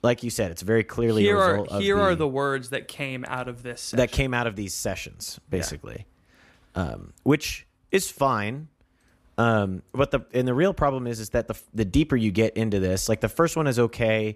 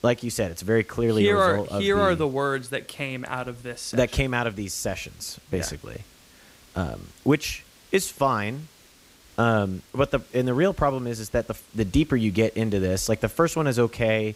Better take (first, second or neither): first